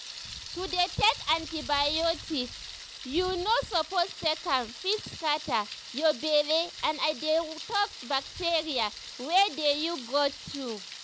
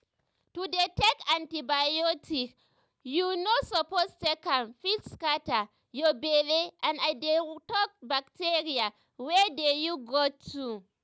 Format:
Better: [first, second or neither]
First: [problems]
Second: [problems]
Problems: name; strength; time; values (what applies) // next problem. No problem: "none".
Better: second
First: background sound (Thunder); 12 dB below the speech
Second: none